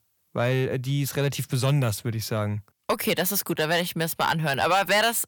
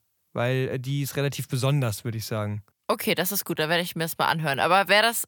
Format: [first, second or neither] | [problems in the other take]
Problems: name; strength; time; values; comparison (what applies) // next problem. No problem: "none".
second | distortion; slight; 10 dB below the speech